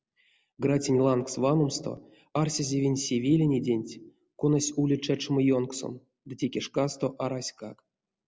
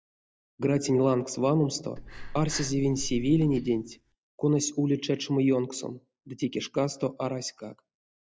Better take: first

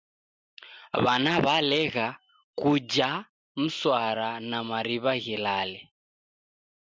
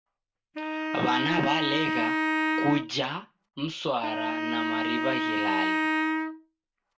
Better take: first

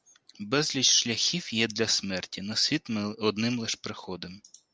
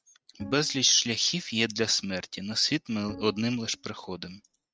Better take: first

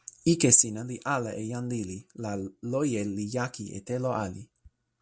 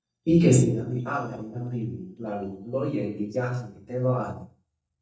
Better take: first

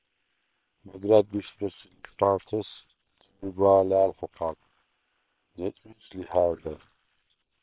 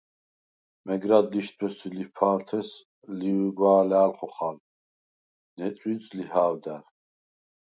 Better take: second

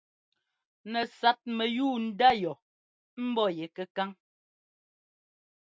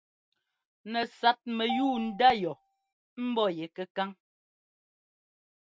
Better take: first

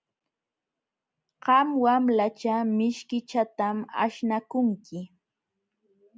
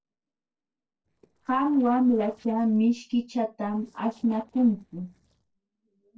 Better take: first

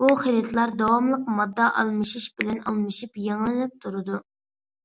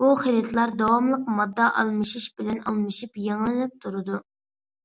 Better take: second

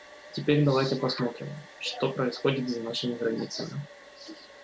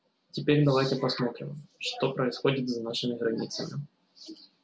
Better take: second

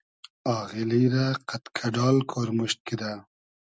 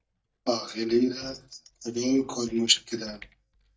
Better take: first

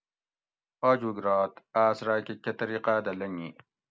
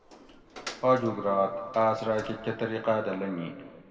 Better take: first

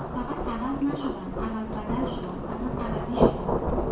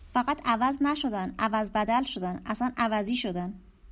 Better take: second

